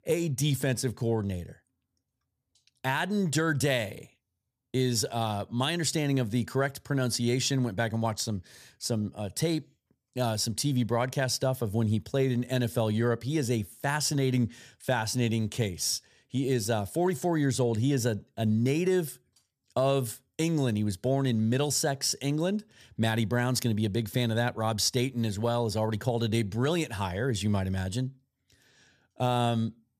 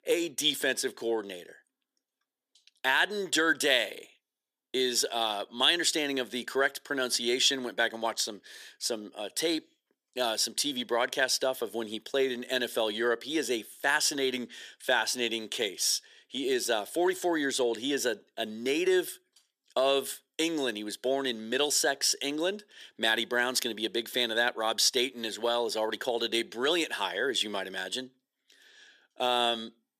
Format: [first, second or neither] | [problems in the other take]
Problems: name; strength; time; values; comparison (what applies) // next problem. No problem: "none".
first | thin; somewhat; fading below 350 Hz